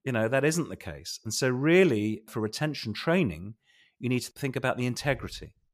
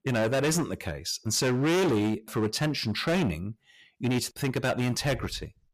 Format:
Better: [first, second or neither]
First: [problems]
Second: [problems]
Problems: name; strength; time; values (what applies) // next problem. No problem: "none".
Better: first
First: none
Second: distortion; heavy; 17% of the sound clipped